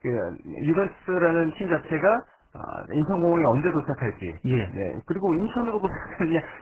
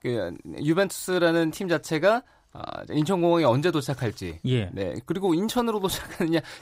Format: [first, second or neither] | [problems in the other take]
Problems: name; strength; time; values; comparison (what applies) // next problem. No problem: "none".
second | garbled, watery; badly